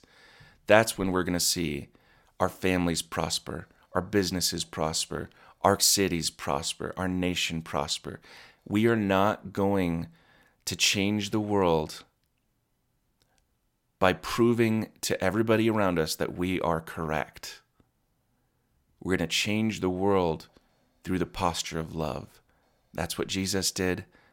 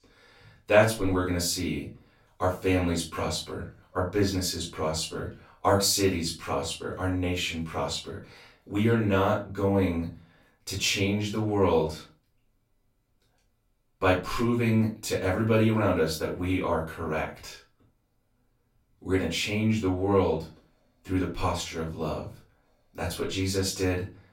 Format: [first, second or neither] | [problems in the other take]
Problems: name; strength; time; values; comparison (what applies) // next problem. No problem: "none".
first | off-mic speech; far // room echo; slight; dies away in 0.3 s